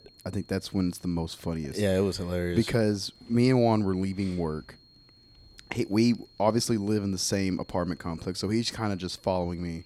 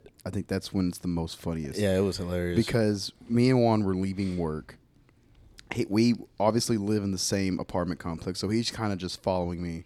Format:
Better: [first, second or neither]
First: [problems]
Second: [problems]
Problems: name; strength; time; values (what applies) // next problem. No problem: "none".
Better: second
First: high-pitched whine; faint; throughout; 4.5 kHz, 30 dB below the speech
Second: none